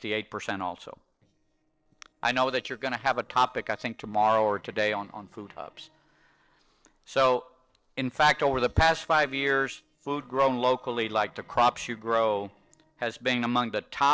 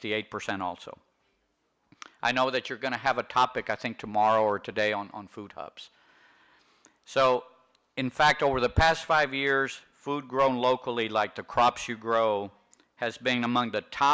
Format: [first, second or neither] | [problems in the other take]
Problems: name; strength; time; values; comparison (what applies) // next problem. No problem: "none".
second | noise reduction (neural separator model SepFormer DNS4)